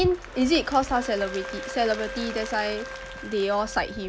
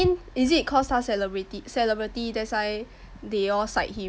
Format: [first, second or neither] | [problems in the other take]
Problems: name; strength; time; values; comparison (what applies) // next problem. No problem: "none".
second | background sound (Wind instrument, woodwind instrument + Applause / Crowd); 11 dB below the speech